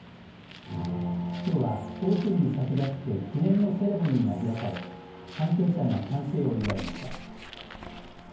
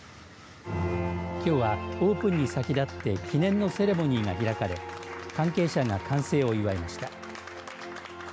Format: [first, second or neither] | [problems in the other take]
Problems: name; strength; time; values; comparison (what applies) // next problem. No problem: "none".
second | background sound (Bird); 17 dB below the speech // room echo; dies away in 0.9 s